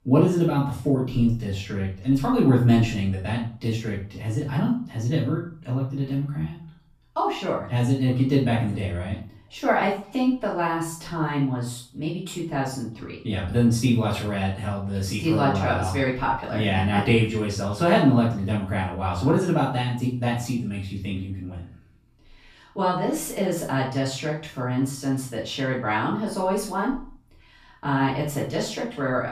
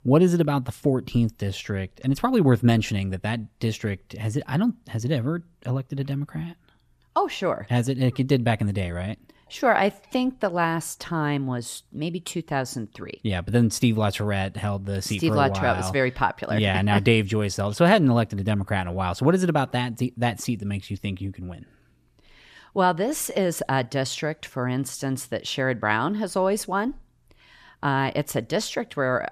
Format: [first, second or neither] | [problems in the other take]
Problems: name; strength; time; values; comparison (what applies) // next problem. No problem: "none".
second | off-mic speech; far // room echo; noticeable; dies away in 0.4 s